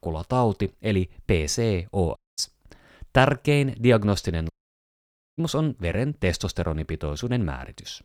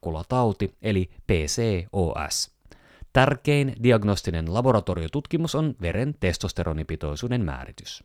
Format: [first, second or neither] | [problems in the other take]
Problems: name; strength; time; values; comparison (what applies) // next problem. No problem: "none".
second | audio cutting out; at 2 s and at 4.5 s for 1 s